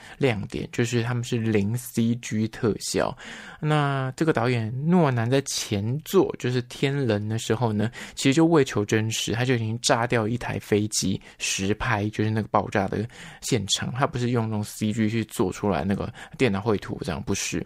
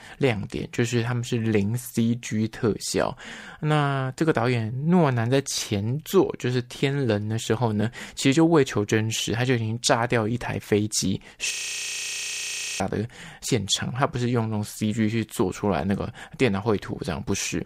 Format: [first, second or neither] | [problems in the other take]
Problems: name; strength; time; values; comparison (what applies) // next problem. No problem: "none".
first | audio freezing; at 12 s for 1.5 s